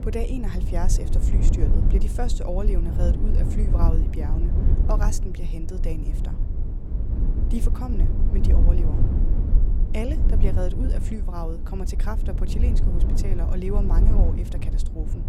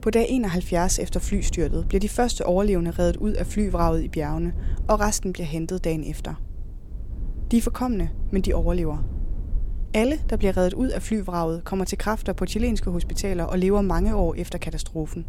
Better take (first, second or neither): second